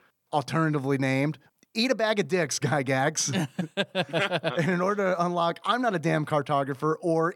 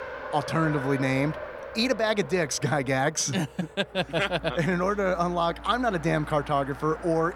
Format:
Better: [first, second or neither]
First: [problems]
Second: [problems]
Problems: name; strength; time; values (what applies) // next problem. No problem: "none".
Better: first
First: none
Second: traffic noise; noticeable; throughout; 15 dB below the speech